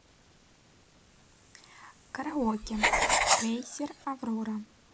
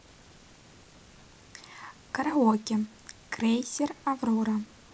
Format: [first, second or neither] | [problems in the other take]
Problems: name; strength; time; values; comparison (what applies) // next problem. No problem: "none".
second | background sound (Writing); 4 dB above the speech